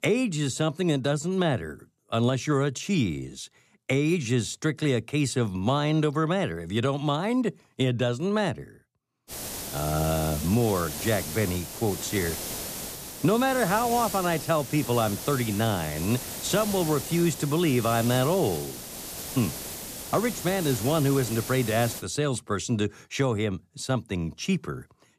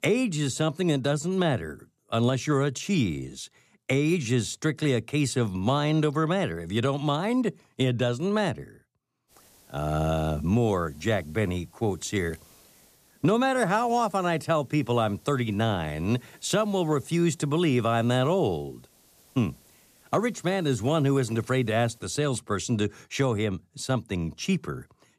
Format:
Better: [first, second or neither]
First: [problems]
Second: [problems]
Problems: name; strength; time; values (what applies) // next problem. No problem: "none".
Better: second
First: hiss; loud; from 9.5 to 22 s; 8 dB below the speech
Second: hiss; faint; from 9.5 to 22 s; 30 dB below the speech